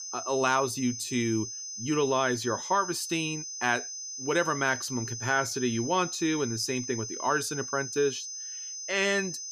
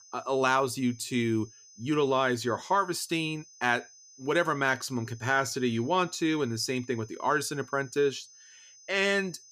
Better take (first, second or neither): second